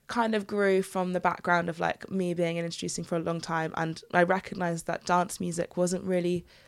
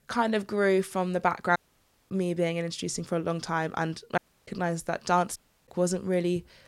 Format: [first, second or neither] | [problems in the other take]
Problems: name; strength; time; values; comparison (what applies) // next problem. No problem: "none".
first | audio cutting out; at 1.5 s for 0.5 s, at 4 s and at 5.5 s